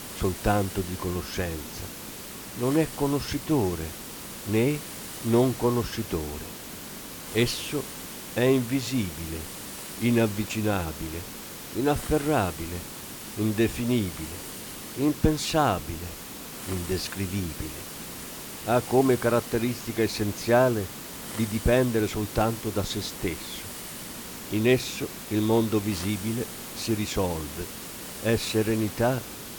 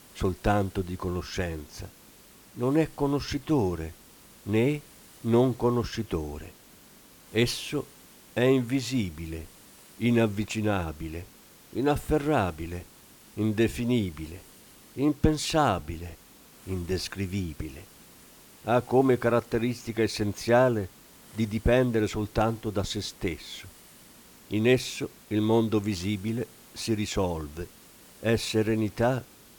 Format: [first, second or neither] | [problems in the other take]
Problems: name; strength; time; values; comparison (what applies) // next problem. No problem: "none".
second | hiss; loud; throughout; 10 dB below the speech; faint in the second